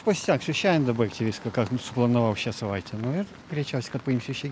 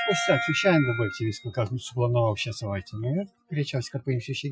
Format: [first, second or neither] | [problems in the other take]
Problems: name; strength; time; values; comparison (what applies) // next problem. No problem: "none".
first | noise reduction (classical method Wiener filter)